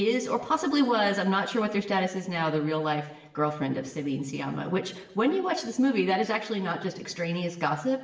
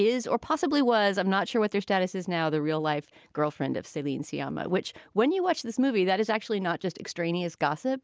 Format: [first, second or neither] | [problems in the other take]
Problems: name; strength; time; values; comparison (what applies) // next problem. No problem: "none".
second | room echo; dies away in 0.8 s